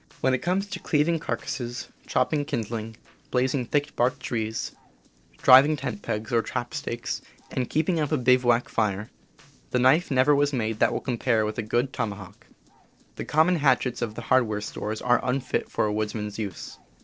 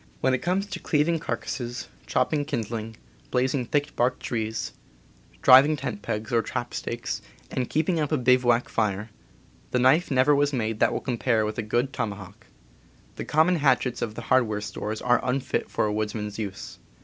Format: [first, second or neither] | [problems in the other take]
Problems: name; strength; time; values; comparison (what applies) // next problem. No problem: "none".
second | noise reduction (neural separator model SepFormer DNS4)